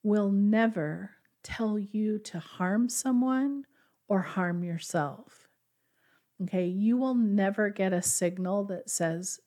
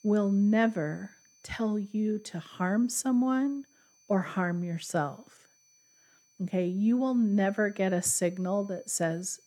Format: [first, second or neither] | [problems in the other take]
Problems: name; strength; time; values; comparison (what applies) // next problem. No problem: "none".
first | high-pitched whine; faint; throughout; 6 kHz, 35 dB below the speech